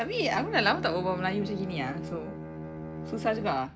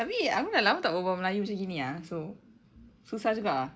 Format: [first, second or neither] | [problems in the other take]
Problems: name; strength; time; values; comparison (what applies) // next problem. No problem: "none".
second | background sound (Bowed string instrument); 7 dB below the speech